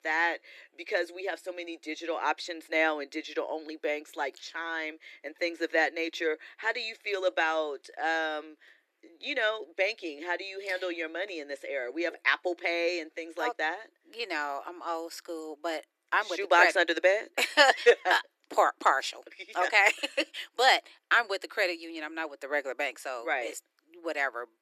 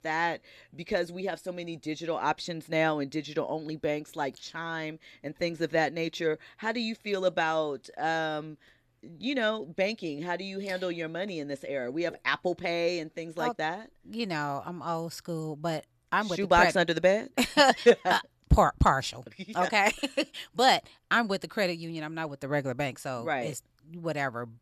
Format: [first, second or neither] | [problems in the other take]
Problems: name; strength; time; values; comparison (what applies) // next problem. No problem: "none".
second | thin; very; fading below 300 Hz